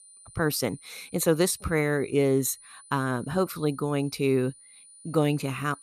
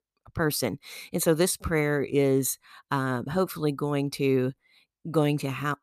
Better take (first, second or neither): second